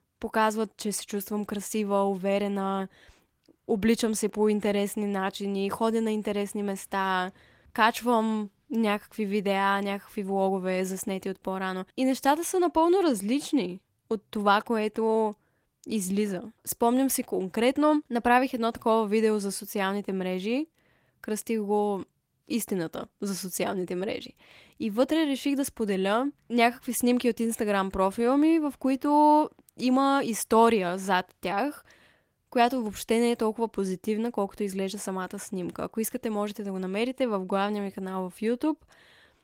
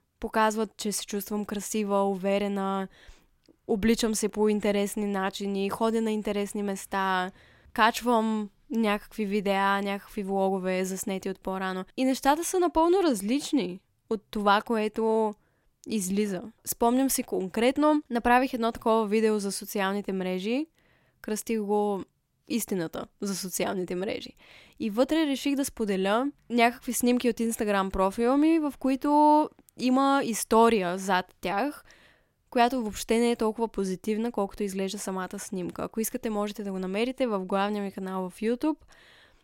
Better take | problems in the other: second | garbled, watery; slightly; nothing above 16 kHz

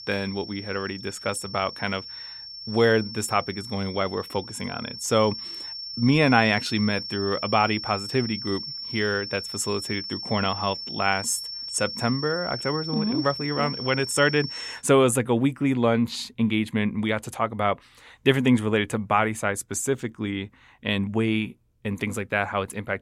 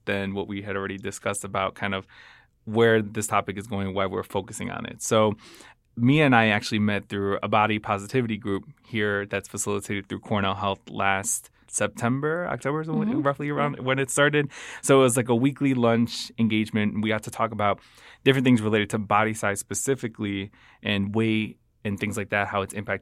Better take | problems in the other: second | high-pitched whine; loud; until 15 s; 5.5 kHz, 8 dB below the speech

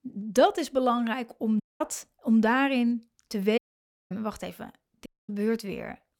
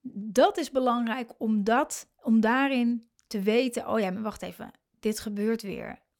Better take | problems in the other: second | audio cutting out; at 1.5 s, at 3.5 s for 0.5 s and at 5 s

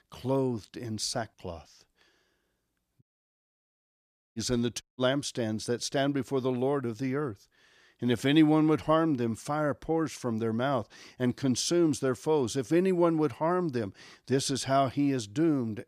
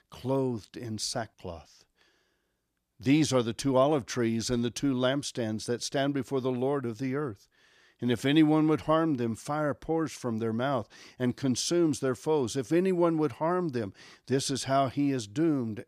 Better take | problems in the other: second | audio cutting out; at 3 s for 1.5 s and at 5 s

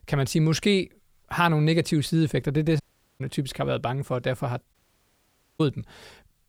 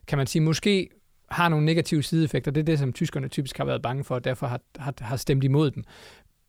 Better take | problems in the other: second | audio cutting out; at 3 s and at 4.5 s for 1 s

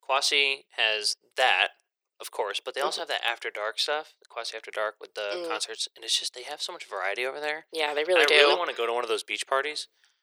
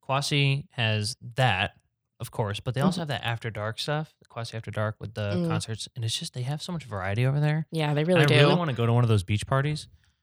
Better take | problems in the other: second | thin; very; fading below 400 Hz

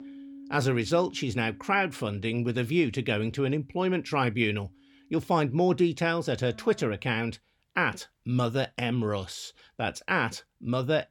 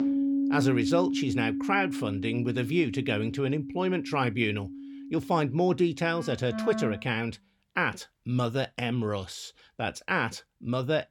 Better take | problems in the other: first | background music; loud; until 7 s; 4 dB below the speech; faint in the first

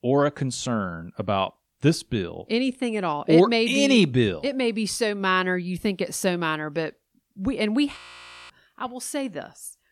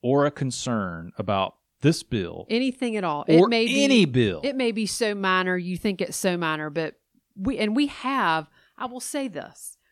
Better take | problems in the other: second | audio freezing; at 8 s for 0.5 s

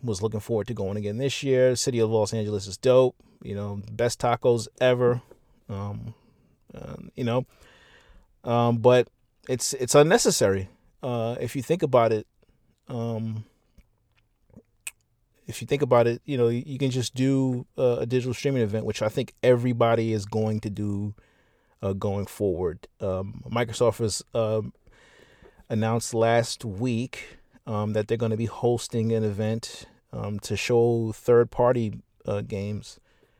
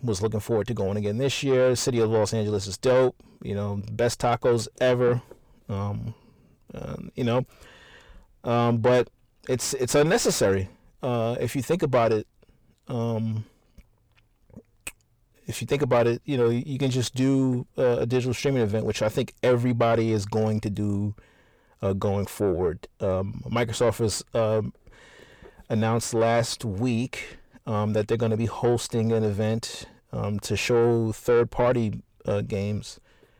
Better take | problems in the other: first | distortion; slight; 10 dB below the speech

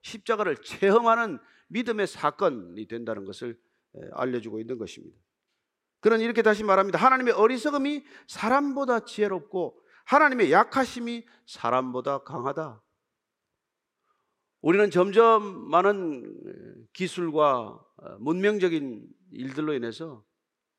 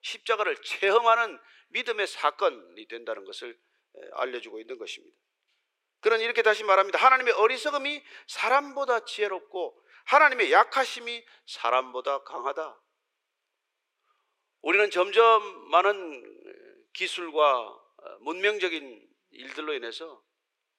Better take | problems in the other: first | thin; very; fading below 450 Hz

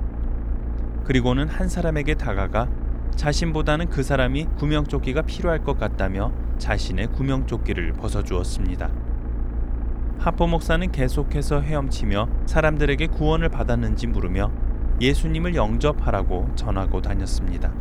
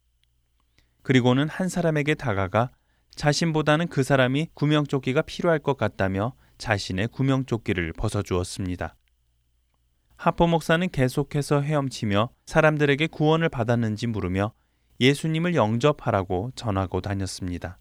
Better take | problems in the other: second | low rumble; noticeable; throughout; 15 dB below the speech

